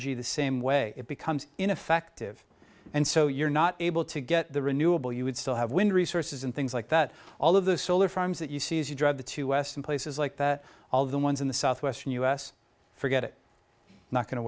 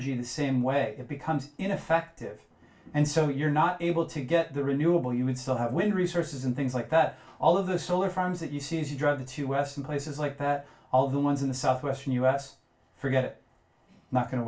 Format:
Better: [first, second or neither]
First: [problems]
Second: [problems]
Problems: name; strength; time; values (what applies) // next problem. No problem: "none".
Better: first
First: none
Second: room echo; dies away in 0.2 s